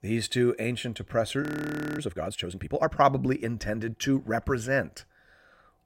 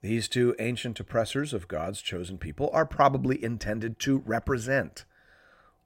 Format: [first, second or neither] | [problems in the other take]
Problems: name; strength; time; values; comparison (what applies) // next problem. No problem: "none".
second | audio freezing; at 1.5 s for 0.5 s